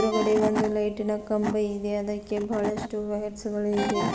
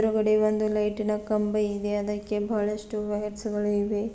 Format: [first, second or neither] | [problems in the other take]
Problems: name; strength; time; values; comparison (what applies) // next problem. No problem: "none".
second | background sound (Wood / Tools + Ringtone); 7 dB below the speech